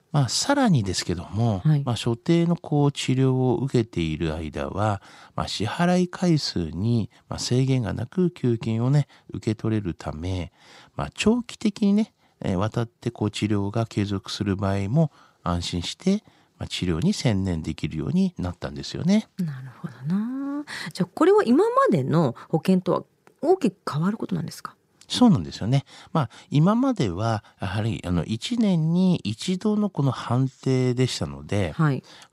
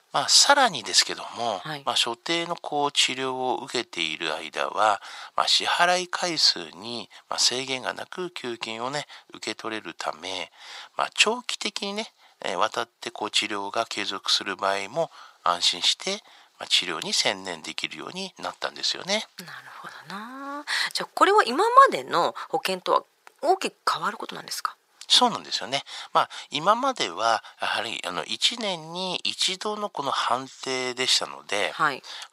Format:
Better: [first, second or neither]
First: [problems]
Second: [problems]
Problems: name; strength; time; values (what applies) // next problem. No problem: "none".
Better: first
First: none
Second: thin; very; fading below 850 Hz